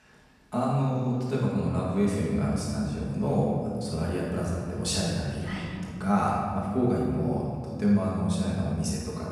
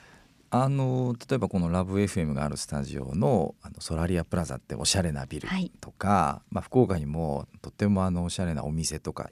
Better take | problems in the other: second | room echo; strong; dies away in 1.9 s // off-mic speech; far

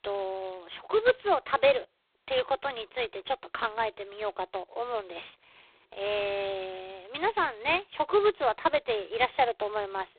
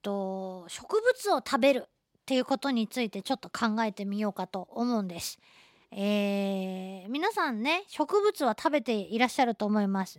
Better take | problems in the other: second | phone-call audio; poor line; nothing above 4 kHz

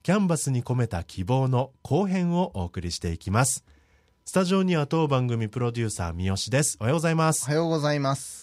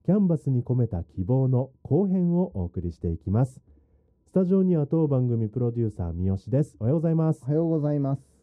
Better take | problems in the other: first | muffled; very; fading above 1 kHz

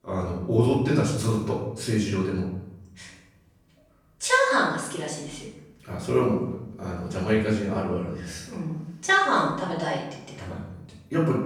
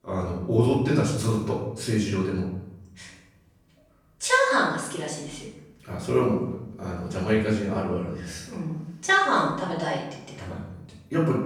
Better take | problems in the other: neither | room echo; noticeable; dies away in 0.8 s; the same in both // off-mic speech; far; the same in both

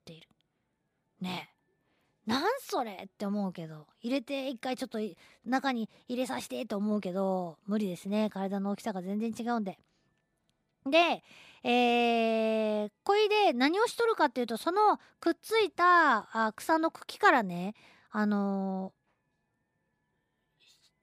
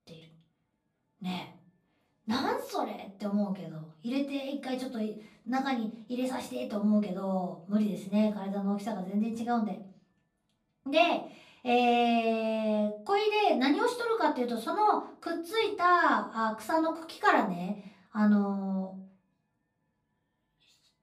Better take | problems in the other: first | room echo; slight; dies away in 0.4 s // off-mic speech; far

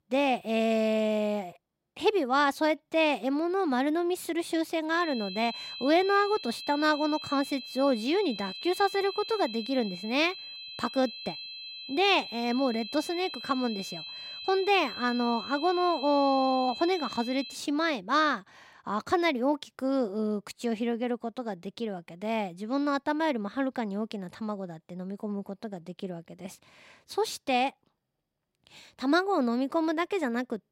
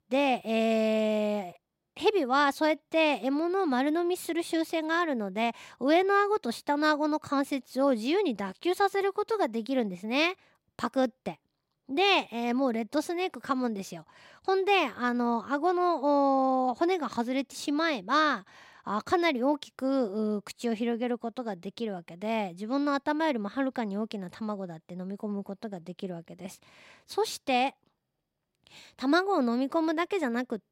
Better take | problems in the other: second | high-pitched whine; loud; from 5 to 18 s; 4 kHz, 10 dB below the speech

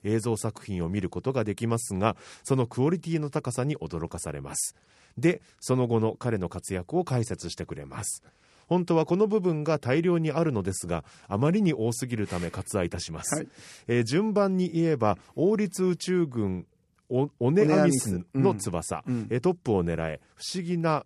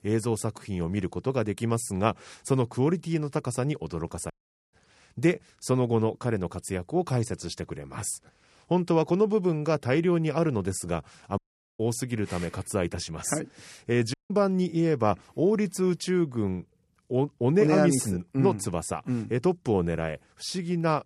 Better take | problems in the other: first | audio cutting out; at 4.5 s, at 11 s and at 14 s

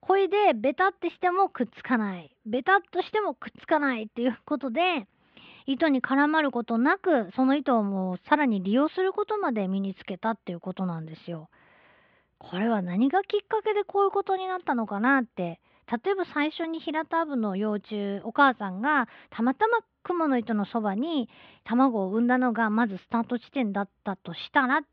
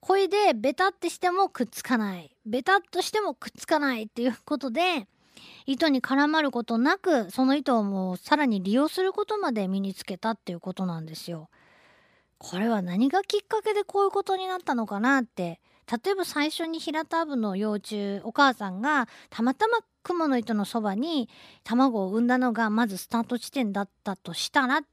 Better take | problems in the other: second | muffled; very; fading above 3 kHz

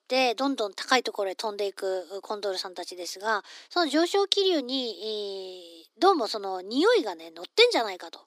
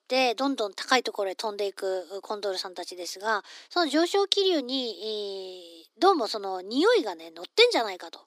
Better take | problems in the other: neither | thin; somewhat; fading below 300 Hz; the same in both

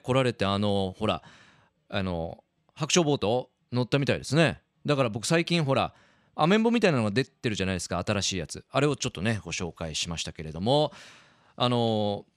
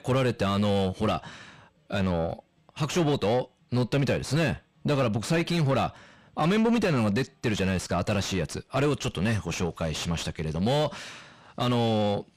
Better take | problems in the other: first | distortion; heavy; 6 dB below the speech

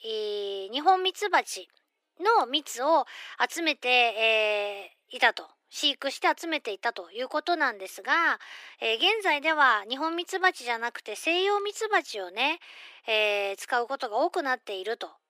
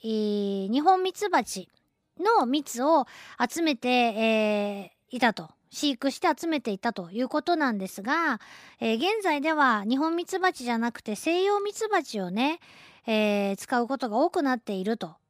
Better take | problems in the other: second | thin; very; fading below 350 Hz

